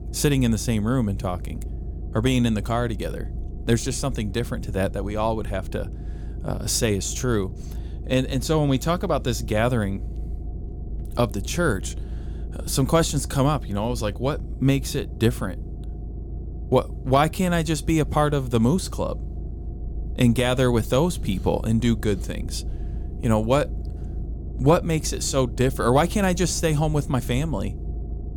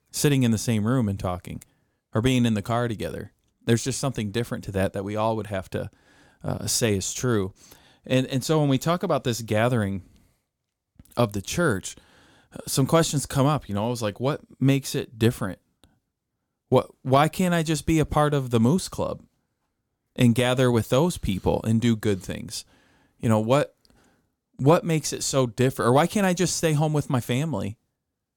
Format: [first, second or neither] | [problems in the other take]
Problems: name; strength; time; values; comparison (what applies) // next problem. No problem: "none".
second | low rumble; faint; throughout; 20 dB below the speech